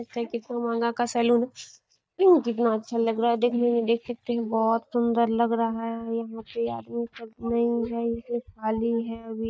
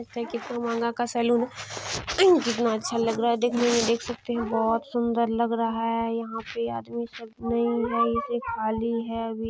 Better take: second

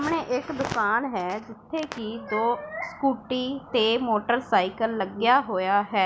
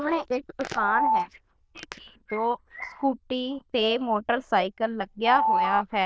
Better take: first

